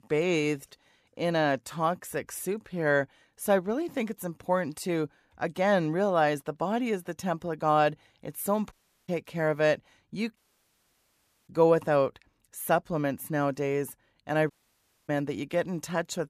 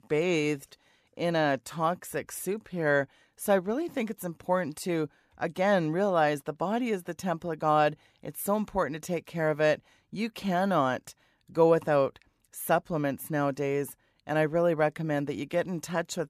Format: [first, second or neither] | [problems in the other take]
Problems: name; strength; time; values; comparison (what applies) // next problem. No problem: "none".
second | audio cutting out; at 8.5 s, at 10 s for 1 s and at 15 s for 0.5 s